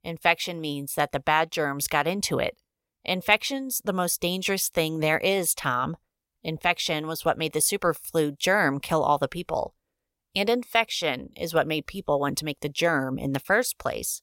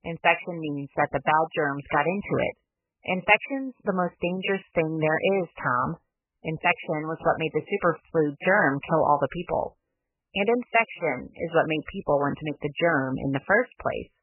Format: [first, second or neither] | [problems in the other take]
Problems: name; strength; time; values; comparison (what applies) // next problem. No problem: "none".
first | garbled, watery; badly; nothing above 3 kHz